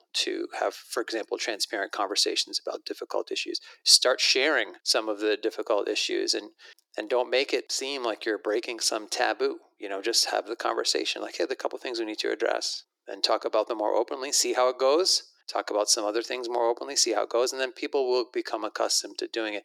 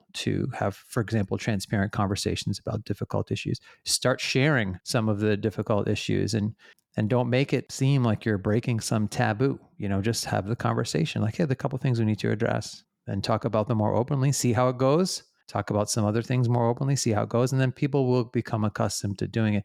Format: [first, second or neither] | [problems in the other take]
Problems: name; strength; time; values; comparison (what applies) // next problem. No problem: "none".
second | thin; very; fading below 350 Hz